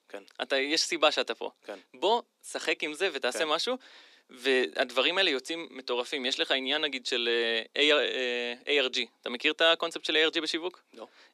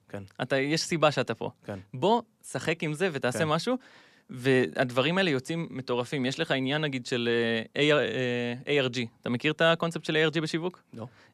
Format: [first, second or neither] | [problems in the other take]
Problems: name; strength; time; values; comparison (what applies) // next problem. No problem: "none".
second | thin; somewhat; fading below 300 Hz